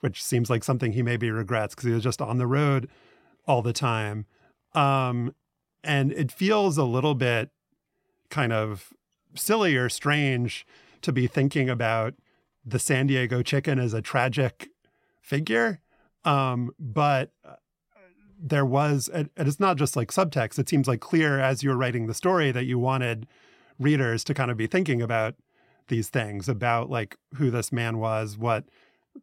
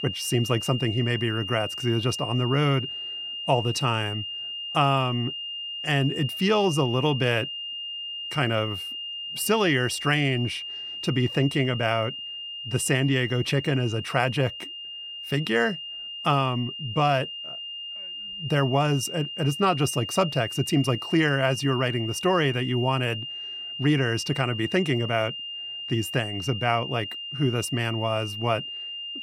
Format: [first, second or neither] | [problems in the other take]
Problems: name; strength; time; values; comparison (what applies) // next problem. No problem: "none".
first | high-pitched whine; loud; throughout; 3 kHz, 7 dB below the speech